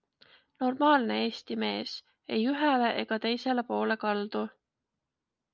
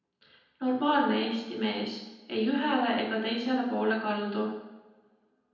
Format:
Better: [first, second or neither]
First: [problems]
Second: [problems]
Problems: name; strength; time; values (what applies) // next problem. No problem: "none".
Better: first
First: none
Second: room echo; dies away in 0.9 s